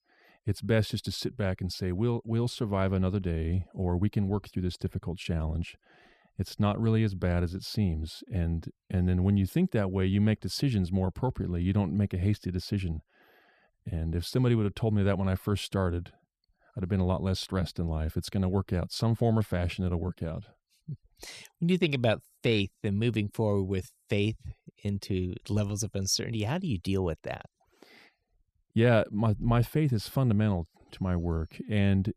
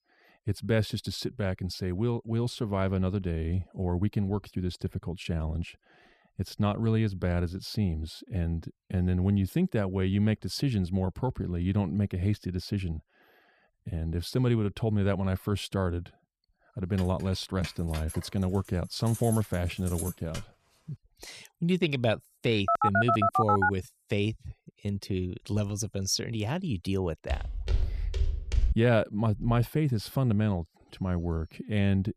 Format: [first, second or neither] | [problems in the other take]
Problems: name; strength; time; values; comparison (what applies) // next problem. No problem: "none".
first | jangling keys; noticeable; from 17 to 20 s; peak 9 dB below the speech // phone ringing; loud; from 23 to 24 s; peak 5 dB above the speech // footsteps; noticeable; from 27 to 29 s; peak level with the speech